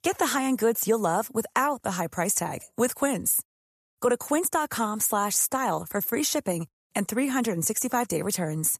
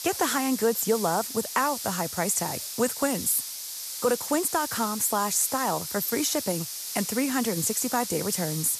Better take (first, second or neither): first